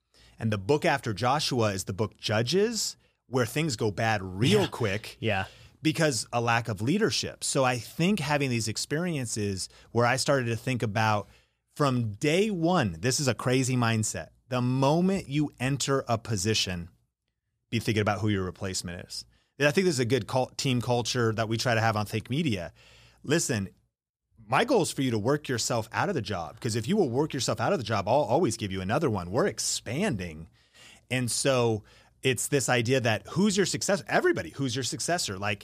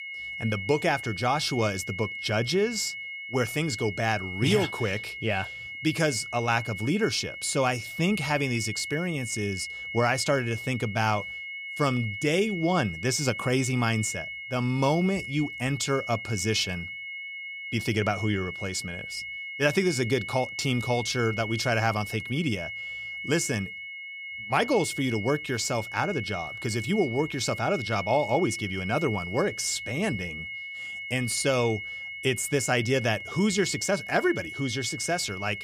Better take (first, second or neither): first